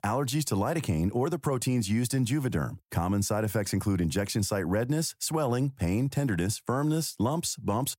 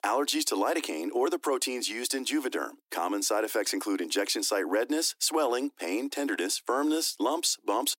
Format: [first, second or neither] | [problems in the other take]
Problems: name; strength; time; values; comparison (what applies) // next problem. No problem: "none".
first | thin; somewhat; fading below 300 Hz